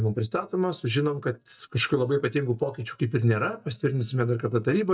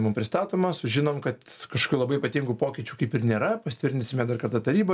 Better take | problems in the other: second | noise reduction (neural mask model DeepFilterNet 3)

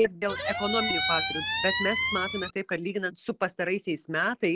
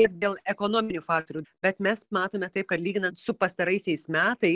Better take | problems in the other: second | background sound (Squeak); as loud as the speech

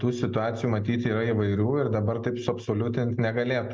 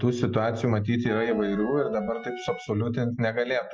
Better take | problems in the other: first | noise reduction (classical method Wiener filter)

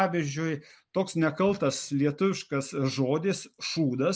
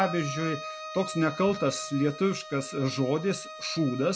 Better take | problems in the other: first | background sound (Bowed string instrument); 11 dB below the speech

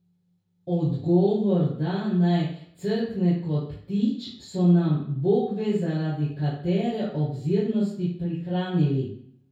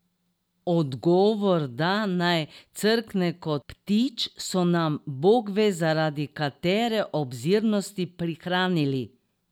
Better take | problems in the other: second | room echo; dies away in 0.6 s

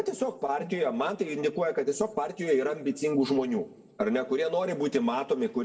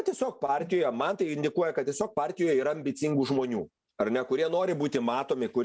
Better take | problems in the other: second | room echo; dies away in 0.8 s

